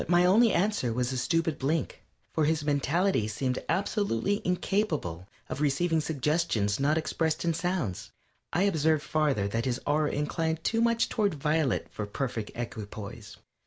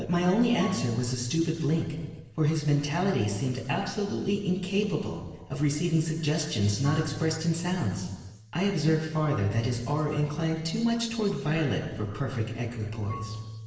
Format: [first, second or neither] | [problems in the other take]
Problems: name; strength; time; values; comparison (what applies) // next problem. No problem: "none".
first | background sound (Marimba, xylophone / Wood); 19 dB below the speech // room echo; dies away in 1.2 s